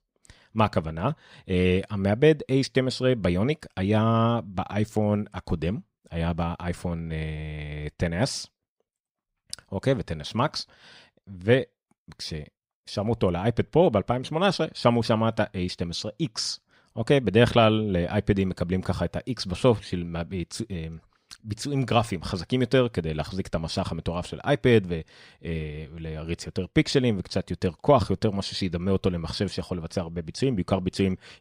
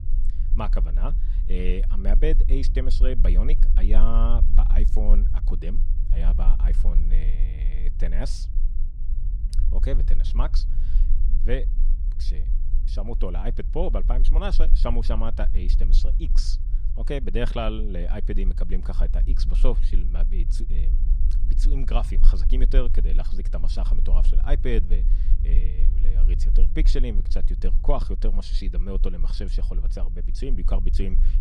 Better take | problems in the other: first | low rumble; noticeable; throughout; 15 dB below the speech

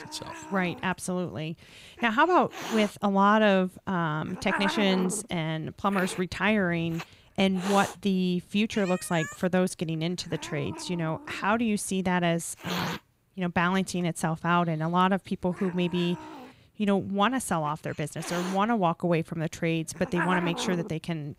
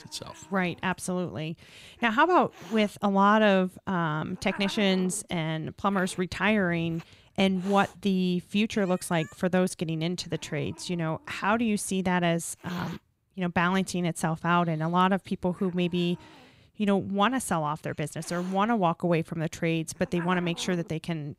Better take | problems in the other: second | hiss; loud; throughout; 10 dB below the speech; faint in the second

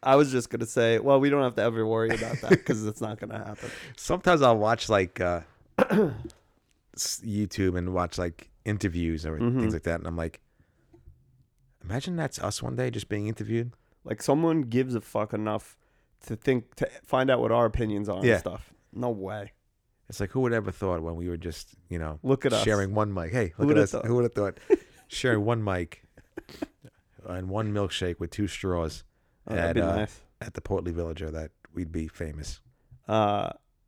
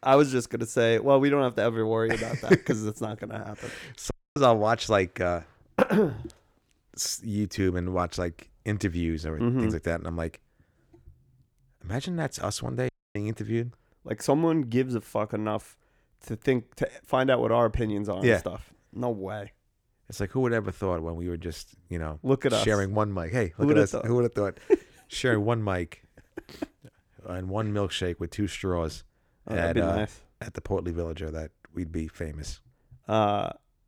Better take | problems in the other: first | audio cutting out; at 4 s and at 13 s

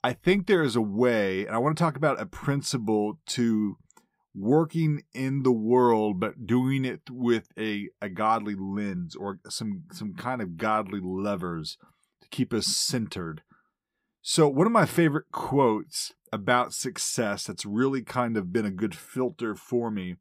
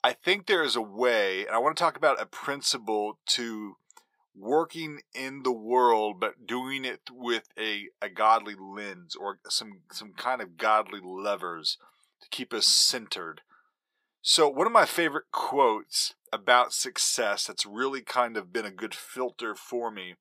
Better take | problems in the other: first | thin; very; fading below 600 Hz

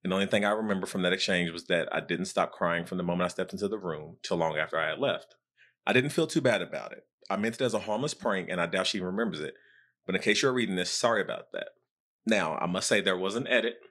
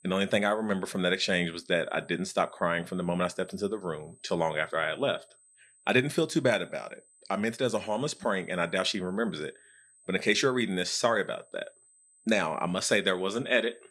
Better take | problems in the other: first | high-pitched whine; faint; throughout; 8 kHz, 30 dB below the speech

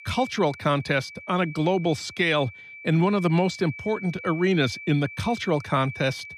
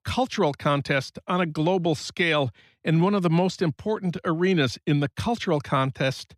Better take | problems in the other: second | high-pitched whine; noticeable; throughout; 2.5 kHz, 15 dB below the speech

